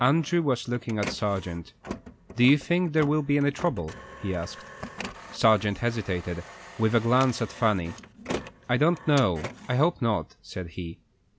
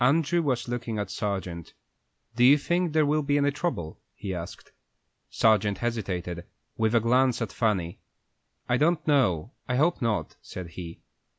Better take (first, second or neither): second